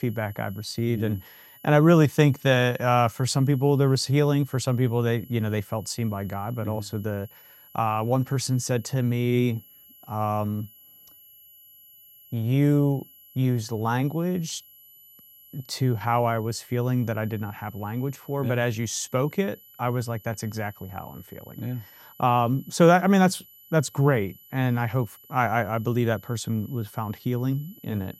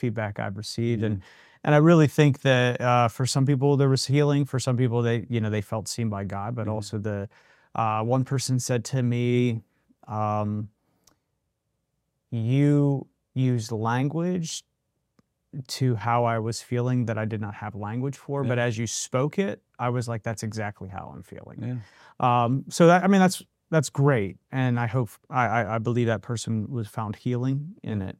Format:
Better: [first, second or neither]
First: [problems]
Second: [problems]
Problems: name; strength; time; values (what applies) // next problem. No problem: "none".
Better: second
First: high-pitched whine; faint; throughout; 12 kHz, 25 dB below the speech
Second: none